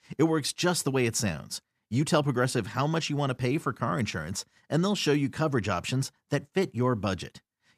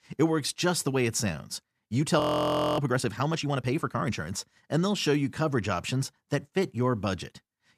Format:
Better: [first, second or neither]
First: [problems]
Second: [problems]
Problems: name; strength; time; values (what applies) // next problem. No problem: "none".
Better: first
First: none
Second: audio freezing; at 2 s for 0.5 s